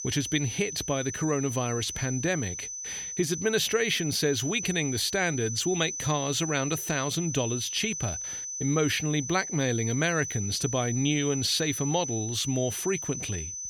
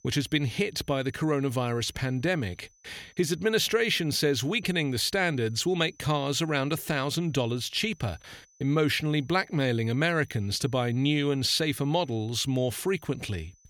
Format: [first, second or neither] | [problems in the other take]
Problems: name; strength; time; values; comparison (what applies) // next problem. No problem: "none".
second | high-pitched whine; loud; throughout; 6 kHz, 5 dB below the speech; faint in the second